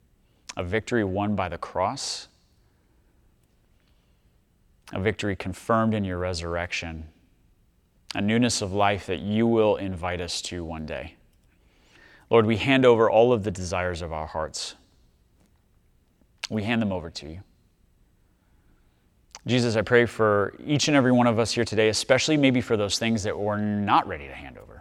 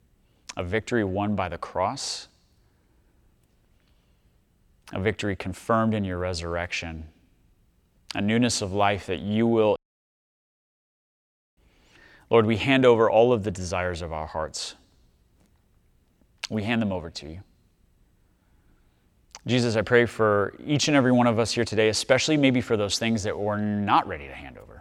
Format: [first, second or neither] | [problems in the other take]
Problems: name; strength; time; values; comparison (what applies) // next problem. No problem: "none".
first | audio cutting out; at 10 s for 2 s